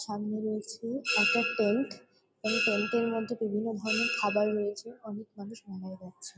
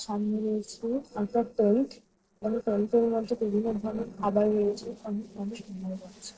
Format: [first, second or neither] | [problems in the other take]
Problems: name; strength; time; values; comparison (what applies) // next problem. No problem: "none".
first | noise reduction (neural separator model SepFormer DNS4)